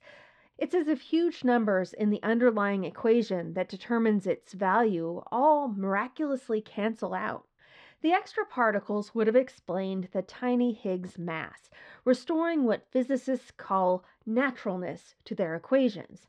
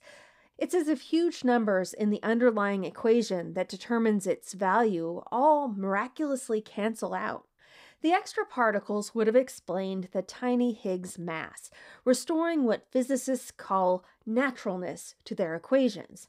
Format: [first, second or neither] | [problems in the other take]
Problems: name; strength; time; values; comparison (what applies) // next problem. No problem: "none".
second | muffled; slightly; fading above 3 kHz